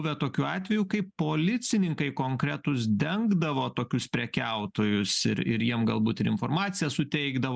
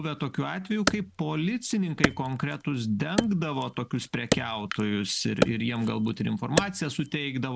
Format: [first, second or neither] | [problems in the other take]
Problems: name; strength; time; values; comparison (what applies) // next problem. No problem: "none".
first | background sound (Wood); 4 dB below the speech